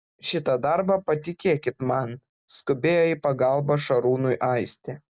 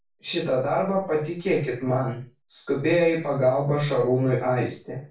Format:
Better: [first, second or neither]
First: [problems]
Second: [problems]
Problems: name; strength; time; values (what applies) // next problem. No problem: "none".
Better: first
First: none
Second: room echo; dies away in 0.3 s